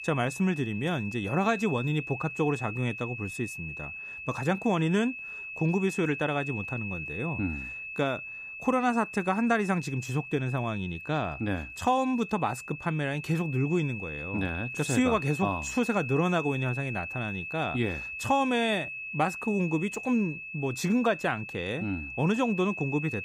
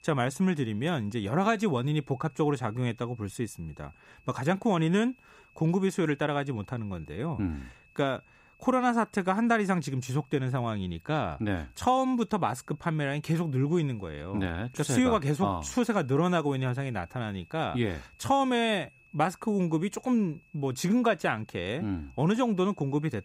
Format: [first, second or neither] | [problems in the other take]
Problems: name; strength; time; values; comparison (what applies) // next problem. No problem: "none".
second | high-pitched whine; loud; throughout; 2.5 kHz, 8 dB below the speech; faint in the second